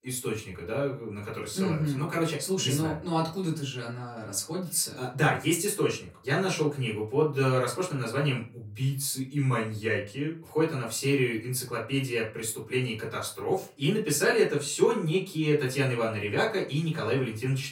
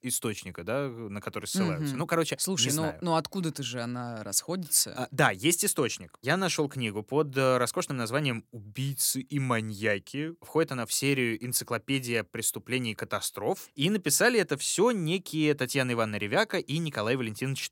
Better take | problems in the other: second | off-mic speech; far // room echo; slight; dies away in 0.3 s

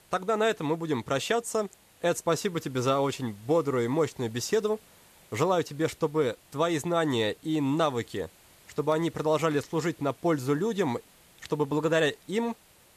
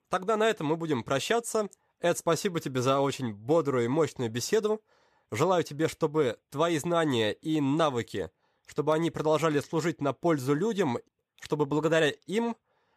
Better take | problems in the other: second | hiss; faint; throughout; 25 dB below the speech

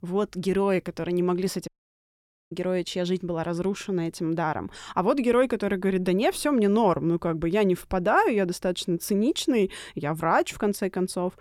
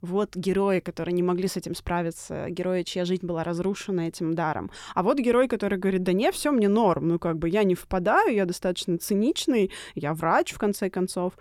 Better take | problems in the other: second | audio cutting out; at 1.5 s for 1 s

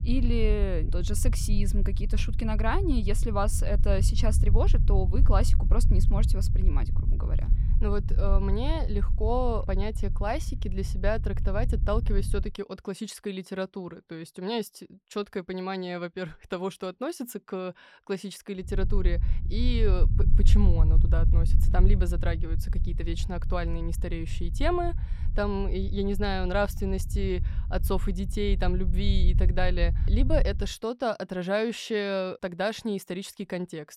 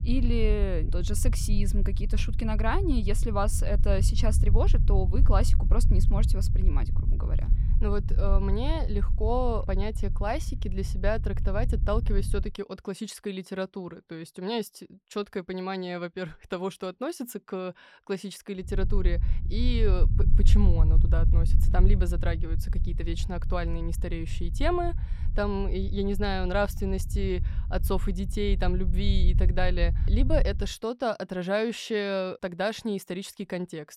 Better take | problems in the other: neither | low rumble; noticeable; until 12 s and from 19 to 31 s; 15 dB below the speech; the same in both

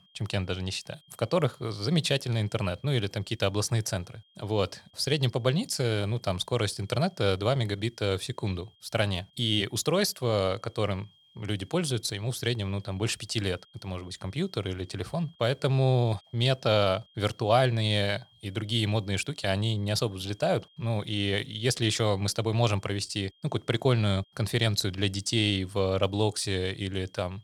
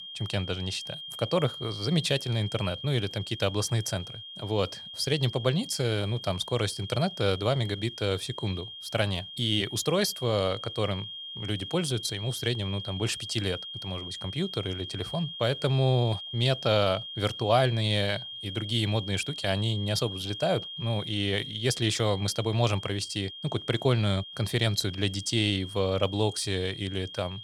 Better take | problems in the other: first | high-pitched whine; loud; throughout; 3 kHz, 9 dB below the speech; faint in the first

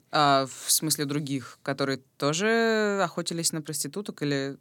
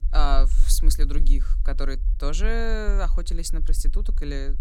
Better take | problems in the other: first | low rumble; noticeable; throughout; 20 dB below the speech

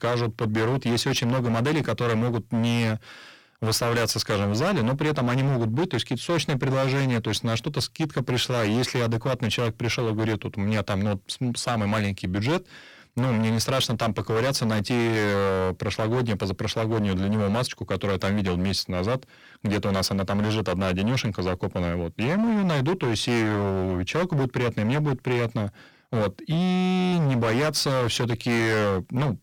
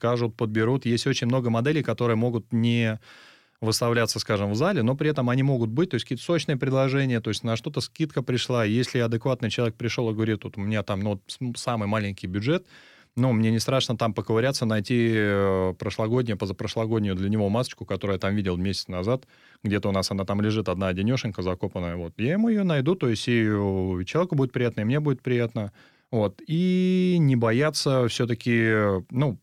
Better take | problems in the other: second | distortion; heavy; 24% of the sound clipped

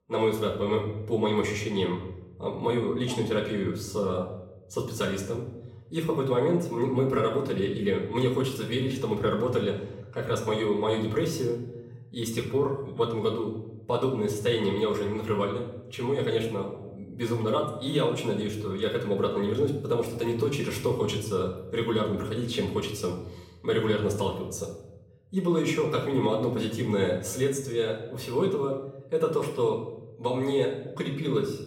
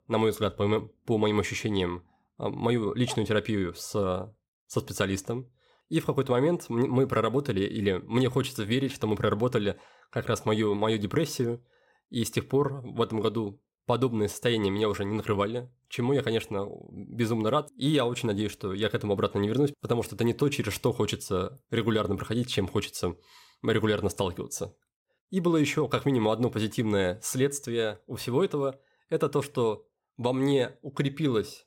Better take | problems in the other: second | room echo; slight; dies away in 0.8 s // off-mic speech; far

